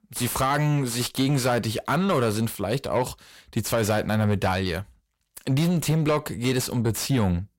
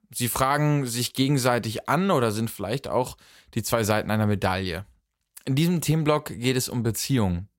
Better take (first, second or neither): second